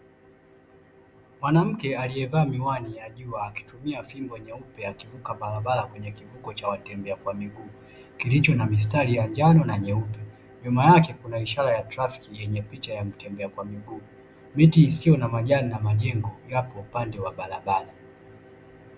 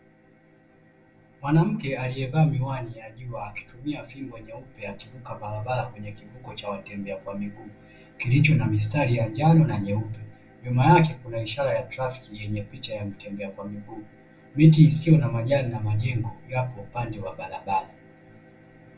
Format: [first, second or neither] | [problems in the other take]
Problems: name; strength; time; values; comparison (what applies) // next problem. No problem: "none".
first | room echo; dies away in 0.2 s